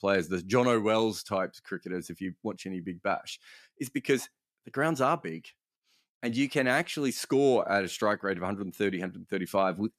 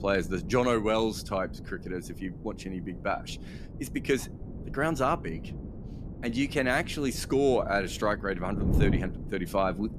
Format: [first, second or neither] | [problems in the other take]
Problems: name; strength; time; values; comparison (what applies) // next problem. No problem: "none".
first | wind noise on the microphone; occasional gusts; 15 dB below the speech